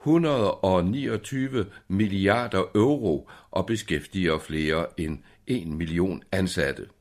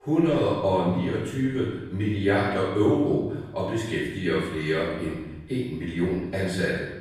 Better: first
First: none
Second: room echo; noticeable; dies away in 1 s // off-mic speech; far

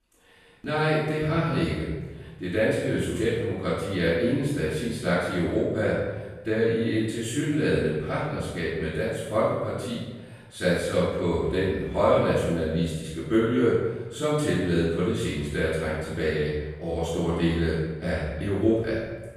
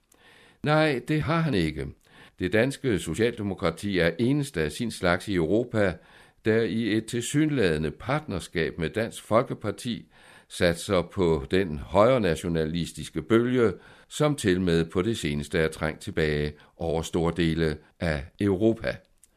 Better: second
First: off-mic speech; far // room echo; strong; dies away in 1 s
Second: none

